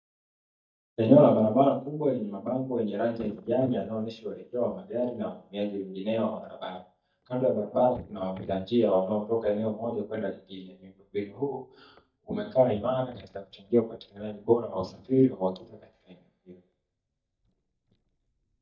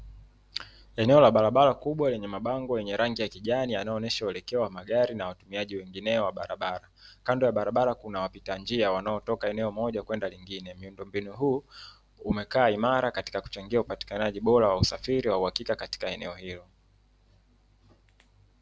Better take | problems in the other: second | noise reduction (neural mask model DeepFilterNet 3)

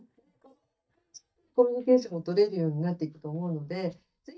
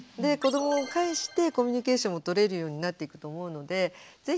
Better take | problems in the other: second | noise reduction (neural mask model DeepFilterNet 3)

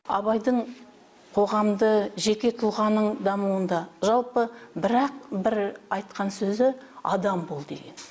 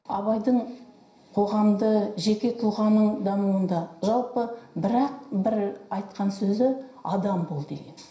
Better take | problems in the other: first | room echo; dies away in 0.5 s

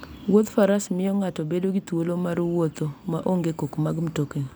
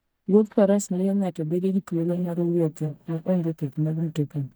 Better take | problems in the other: first | noise reduction (neural mask model DeepFilterNet 3)

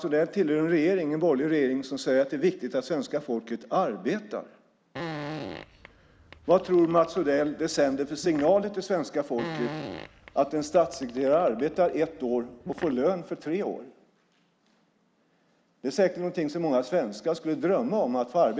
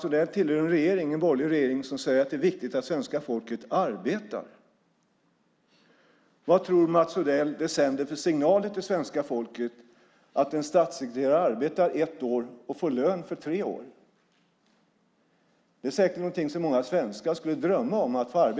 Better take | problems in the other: second | background sound (Fart); 14 dB below the speech

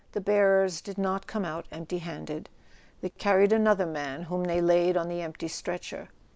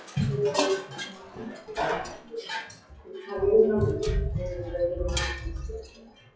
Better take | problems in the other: first | noise reduction (classical method WPE with log-MMSE)

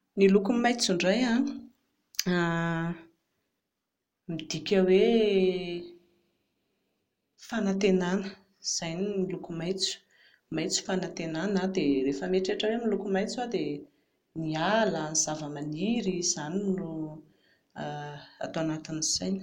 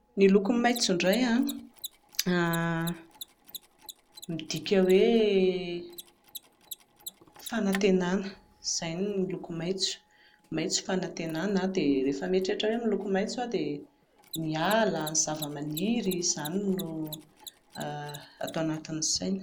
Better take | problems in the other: first | background sound (Mechanisms); 19 dB below the speech

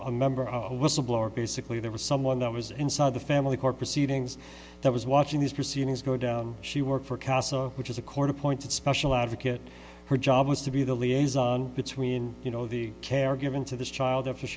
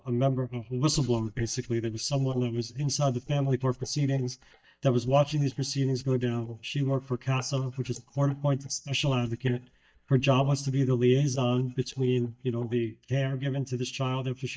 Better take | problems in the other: first | noise reduction (neural mask model DeepFilterNet 3)

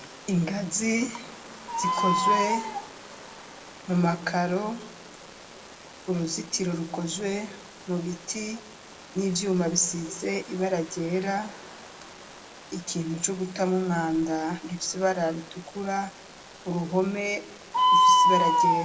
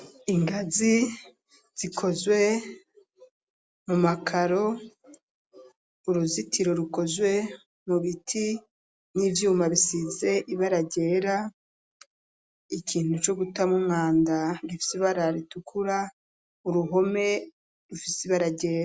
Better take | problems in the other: second | background sound (Bird); 1 dB below the speech // room echo; dies away in 1.7 s

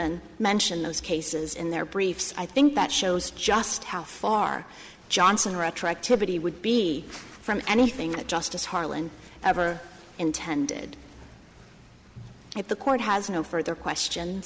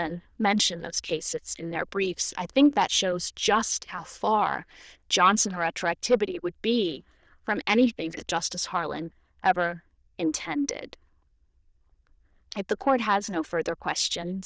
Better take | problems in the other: first | noise reduction (neural diffusion model UNIVERSE++)

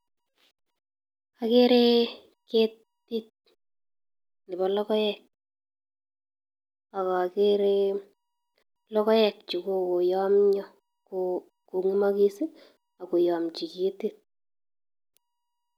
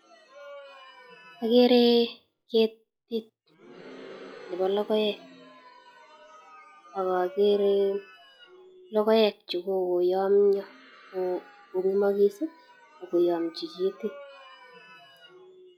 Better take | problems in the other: first | noise reduction (classical method log-MMSE)

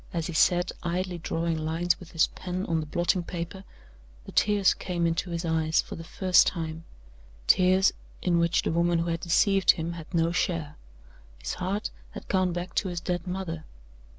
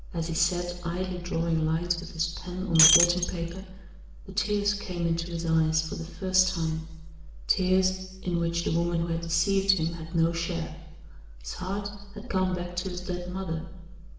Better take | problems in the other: first | background sound (Shatter); 4 dB above the speech // room echo; dies away in 0.9 s

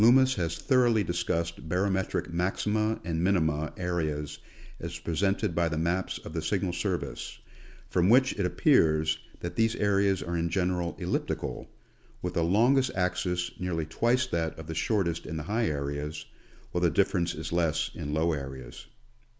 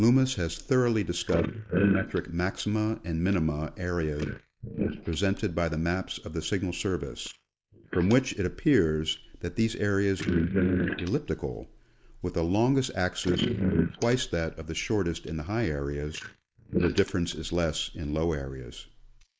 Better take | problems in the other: first | noise reduction (neural mask model Resemble Enhance denoiser)

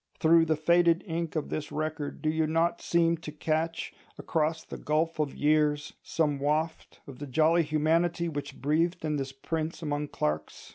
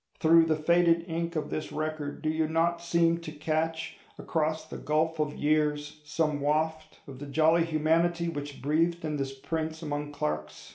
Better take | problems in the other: first | room echo; dies away in 0.4 s

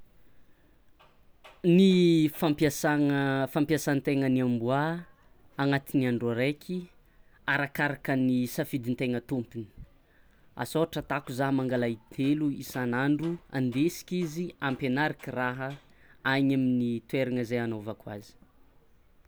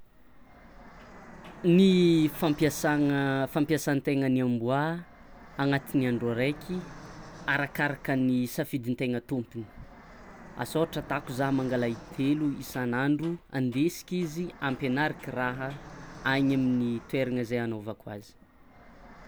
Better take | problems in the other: first | background sound (Fixed-wing aircraft, airplane); 20 dB below the speech

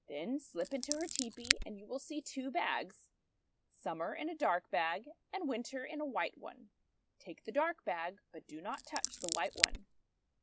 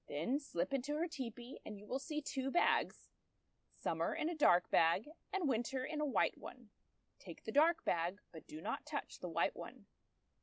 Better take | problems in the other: second | background sound (Scissors); 2 dB above the speech

